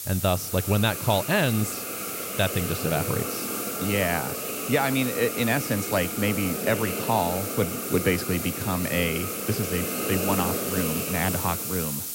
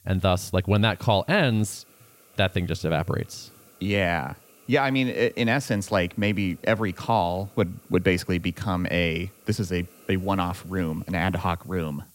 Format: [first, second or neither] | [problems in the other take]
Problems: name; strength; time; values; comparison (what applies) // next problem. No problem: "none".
second | hiss; loud; throughout; 2 dB below the speech; faint in the second